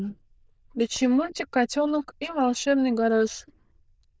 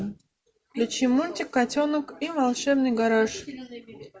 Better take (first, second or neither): second